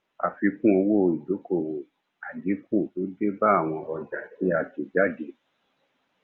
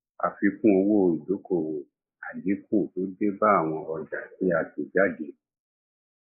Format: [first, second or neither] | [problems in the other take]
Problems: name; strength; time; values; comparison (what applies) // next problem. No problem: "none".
first | noise reduction (neural mask model Resemble Enhance denoiser)